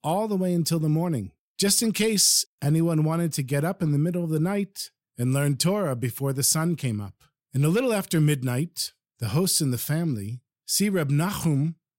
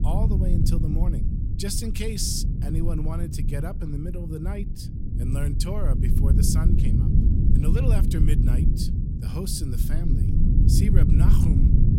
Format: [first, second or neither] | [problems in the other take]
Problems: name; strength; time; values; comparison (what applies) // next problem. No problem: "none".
first | low rumble; loud; throughout; 2 dB below the speech